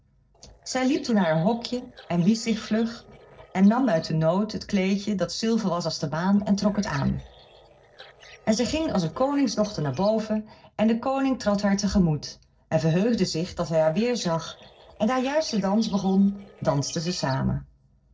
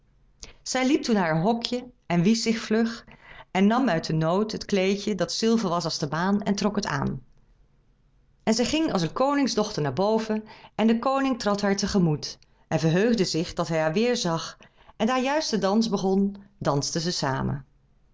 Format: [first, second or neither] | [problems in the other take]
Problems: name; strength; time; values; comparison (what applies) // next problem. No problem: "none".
second | noise reduction (neural separator model SepFormer DNS4)